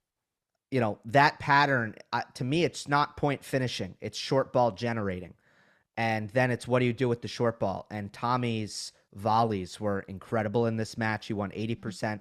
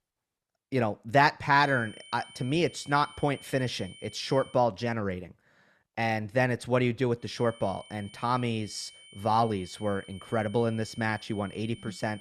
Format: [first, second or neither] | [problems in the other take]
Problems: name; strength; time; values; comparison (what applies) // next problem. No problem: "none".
first | high-pitched whine; faint; from 1.5 to 4.5 s and from 7.5 s on; 3 kHz, 20 dB below the speech